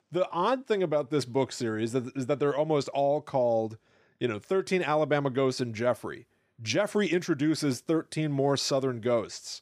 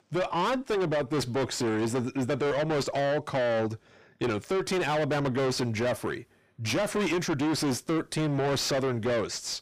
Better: first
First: none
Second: distortion; heavy; 6 dB below the speech

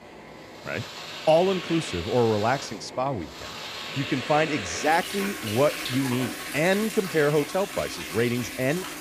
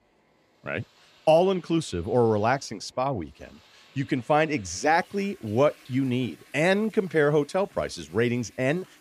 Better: second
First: household noises; loud; throughout; 8 dB below the speech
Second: household noises; faint; throughout; 30 dB below the speech

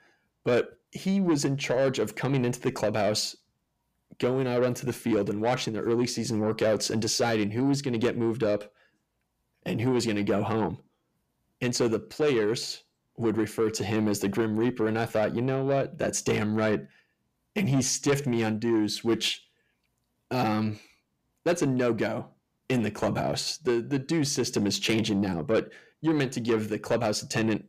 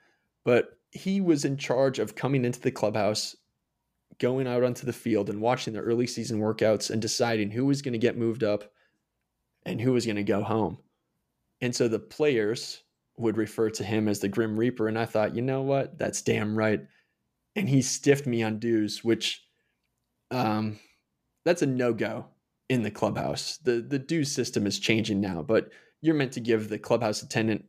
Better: second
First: distortion; slight; 10 dB below the speech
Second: none

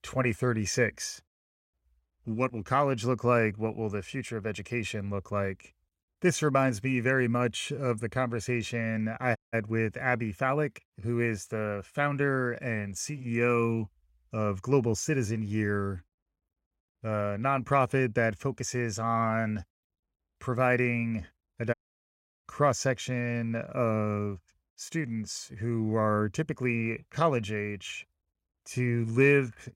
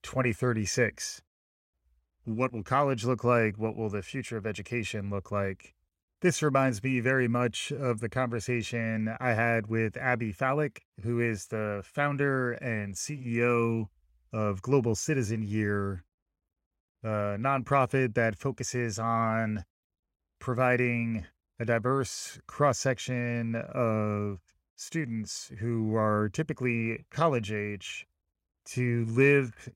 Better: second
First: audio cutting out; at 9.5 s and at 22 s for 0.5 s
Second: none

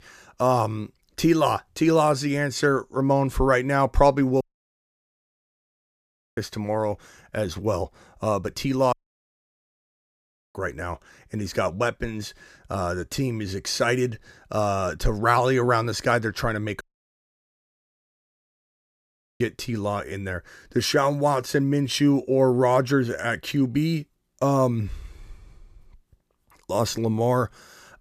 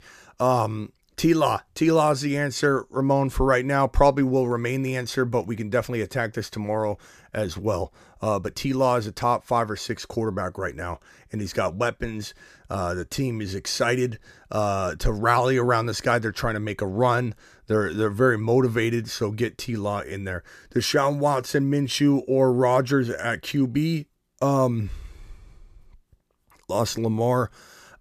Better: second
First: audio cutting out; at 4.5 s for 2 s, at 9 s for 1.5 s and at 17 s for 2.5 s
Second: none

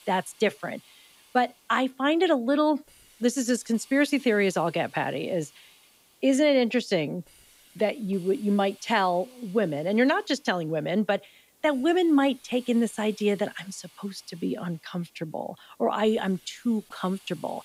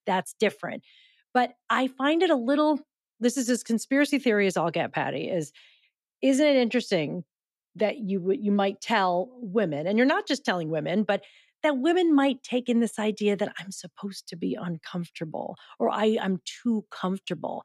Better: second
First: hiss; faint; throughout; 30 dB below the speech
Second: none

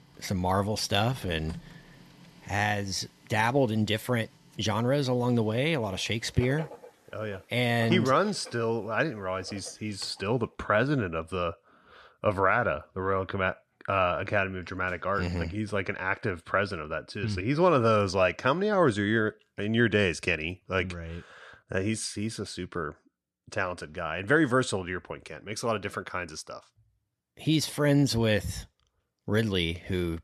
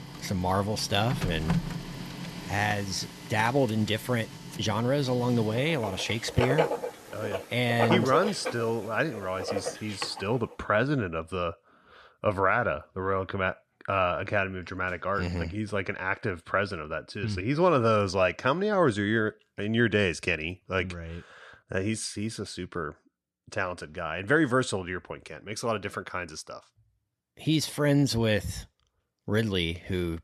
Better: first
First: household noises; faint; until 10 s; 20 dB below the speech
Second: household noises; loud; until 10 s; 6 dB below the speech

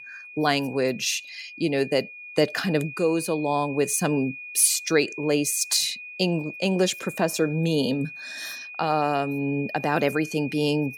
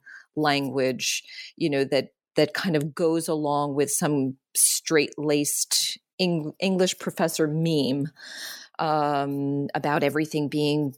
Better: second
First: high-pitched whine; noticeable; throughout; 2.5 kHz, 15 dB below the speech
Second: none

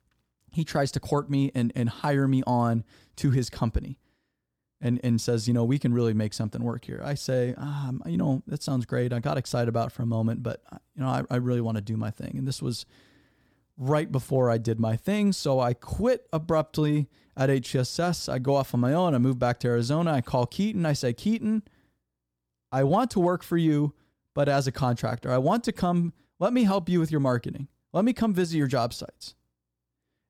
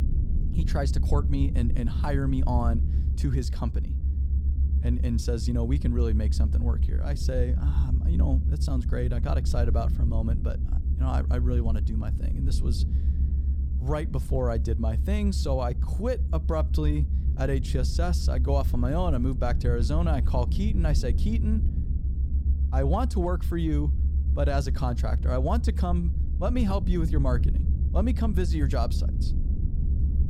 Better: first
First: none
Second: low rumble; noticeable; throughout; 10 dB below the speech

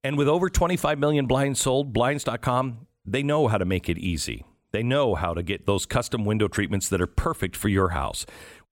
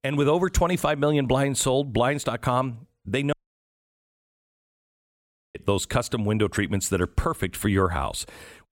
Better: first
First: none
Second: audio cutting out; at 3.5 s for 2 s

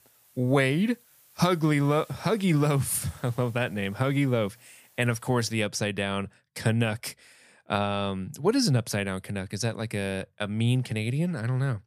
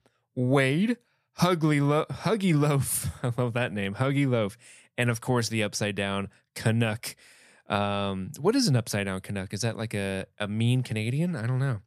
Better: second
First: hiss; faint; until 5.5 s; 25 dB below the speech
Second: none

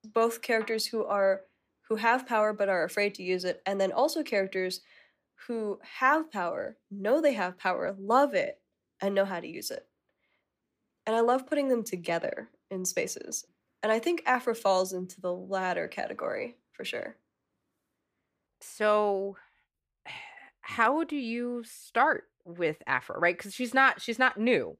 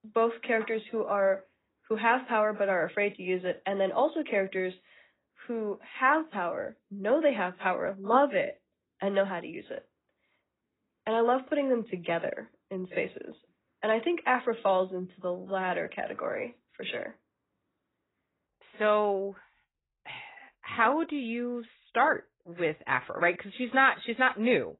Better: first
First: none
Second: garbled, watery; badly; nothing above 4 kHz

